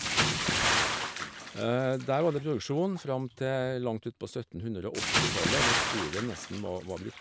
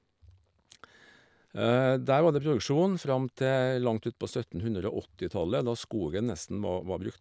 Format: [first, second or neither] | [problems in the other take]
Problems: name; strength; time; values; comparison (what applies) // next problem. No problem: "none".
second | background sound (Bathtub (filling or washing) / Splash, splatter); as loud as the speech